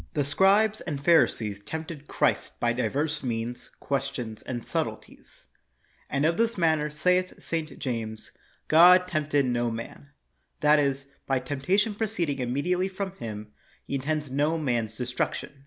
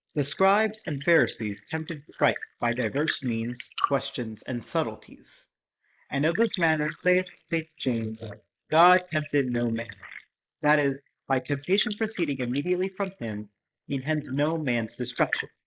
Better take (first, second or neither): first